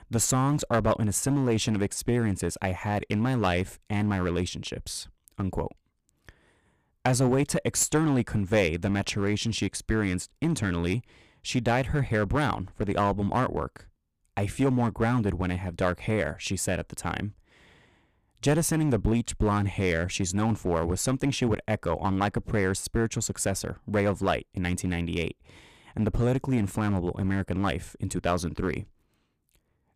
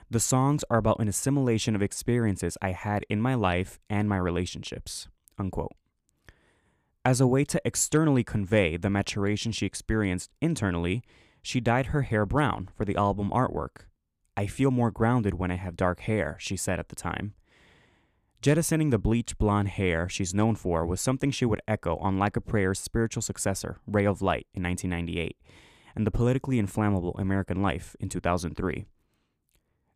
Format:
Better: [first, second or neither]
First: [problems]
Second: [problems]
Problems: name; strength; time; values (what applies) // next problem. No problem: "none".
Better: second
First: distortion; slight; 4% of the sound clipped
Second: none